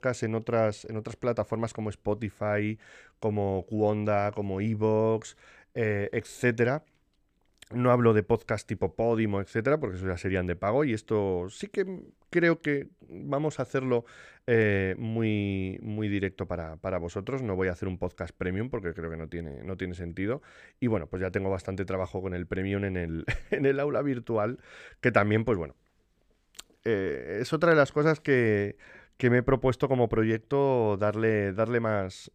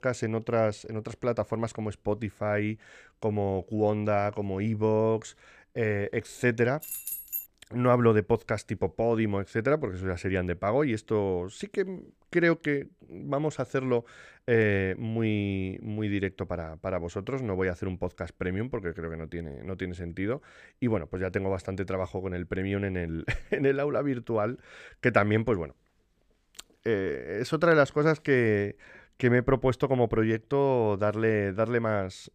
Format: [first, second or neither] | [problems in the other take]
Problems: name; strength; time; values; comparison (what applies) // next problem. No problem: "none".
first | jangling keys; noticeable; at 7 s; peak 4 dB below the speech